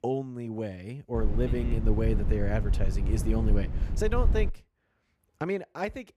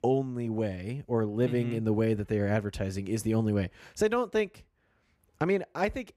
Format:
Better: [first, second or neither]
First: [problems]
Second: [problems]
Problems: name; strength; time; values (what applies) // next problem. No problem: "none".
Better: second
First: low rumble; noticeable; from 1 to 4.5 s; 10 dB below the speech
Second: none